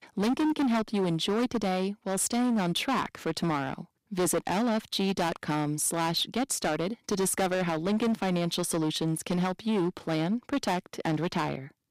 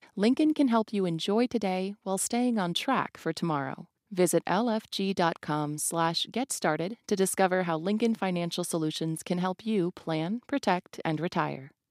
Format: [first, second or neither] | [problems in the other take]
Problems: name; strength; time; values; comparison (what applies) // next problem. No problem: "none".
second | distortion; heavy; 16% of the sound clipped